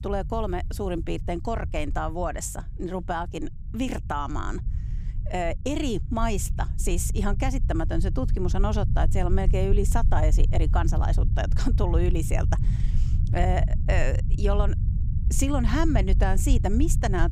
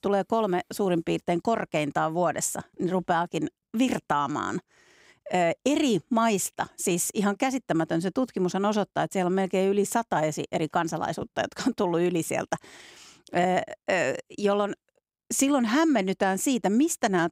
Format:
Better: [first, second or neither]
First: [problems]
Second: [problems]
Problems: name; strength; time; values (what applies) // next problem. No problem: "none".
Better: second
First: low rumble; noticeable; throughout; 15 dB below the speech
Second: none